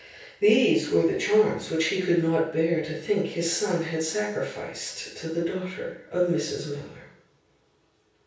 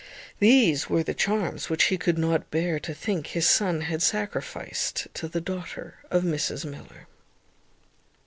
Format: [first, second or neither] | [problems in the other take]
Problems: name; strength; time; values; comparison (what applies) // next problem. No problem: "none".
second | room echo; dies away in 0.6 s